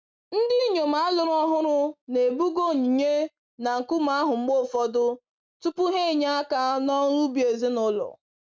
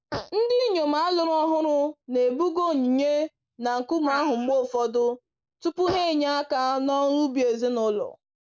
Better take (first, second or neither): first